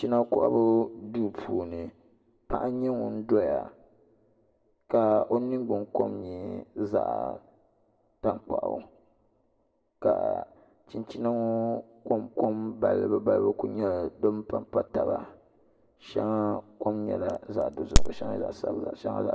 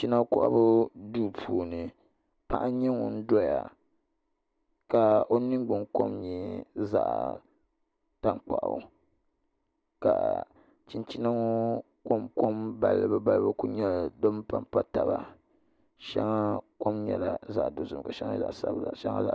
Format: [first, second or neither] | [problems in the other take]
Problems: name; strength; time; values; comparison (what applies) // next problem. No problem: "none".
second | background sound (Crack); 4 dB above the speech // room echo; dies away in 0.9 s